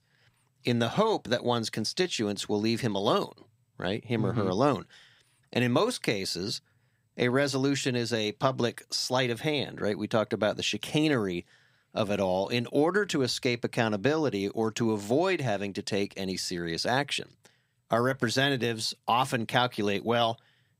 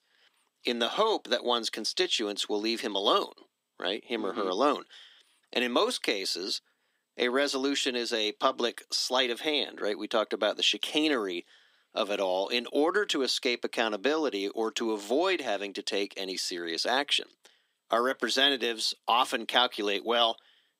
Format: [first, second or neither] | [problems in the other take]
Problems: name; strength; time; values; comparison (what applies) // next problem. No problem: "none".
first | thin; very slightly; fading below 250 Hz